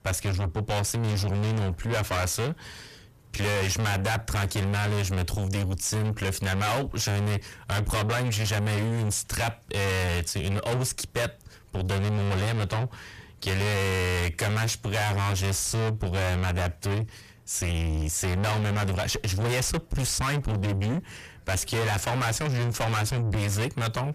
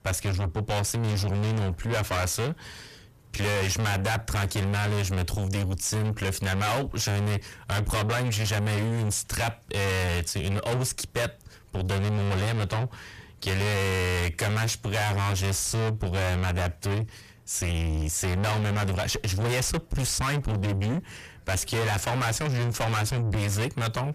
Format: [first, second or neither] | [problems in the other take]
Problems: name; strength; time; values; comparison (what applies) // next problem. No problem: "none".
neither | distortion; heavy; 5 dB below the speech; the same in both